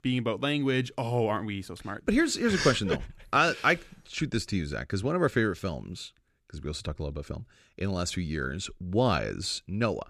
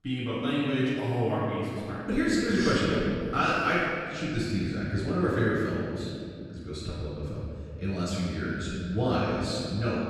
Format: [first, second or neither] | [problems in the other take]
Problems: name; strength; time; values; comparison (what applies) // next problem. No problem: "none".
first | room echo; strong; dies away in 2.3 s // off-mic speech; far